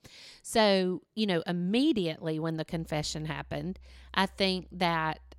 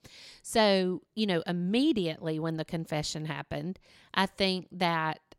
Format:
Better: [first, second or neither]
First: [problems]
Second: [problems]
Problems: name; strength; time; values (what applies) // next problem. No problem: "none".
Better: second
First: background music; faint; throughout; 25 dB below the speech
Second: none